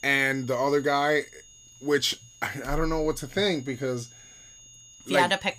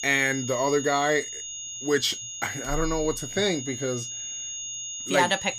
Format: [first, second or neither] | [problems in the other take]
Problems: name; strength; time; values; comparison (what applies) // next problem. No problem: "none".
first | high-pitched whine; loud; throughout; 6.5 kHz, 7 dB below the speech; faint in the first